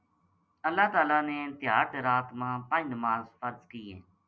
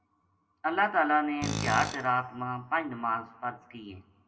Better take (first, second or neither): first